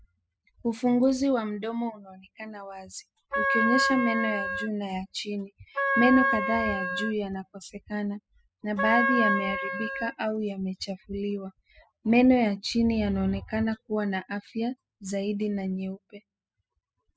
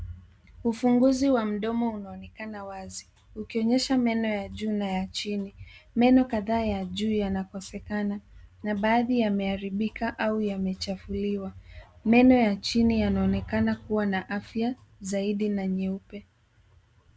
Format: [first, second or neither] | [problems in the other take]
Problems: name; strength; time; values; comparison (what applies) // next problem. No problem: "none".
second | noise reduction (classical method spectral subtraction)